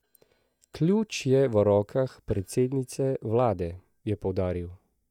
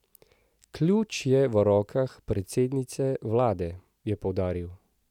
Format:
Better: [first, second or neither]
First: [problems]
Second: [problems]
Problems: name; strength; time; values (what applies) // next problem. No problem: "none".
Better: second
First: noise reduction (neural mask model DeepFilterNet 3)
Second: none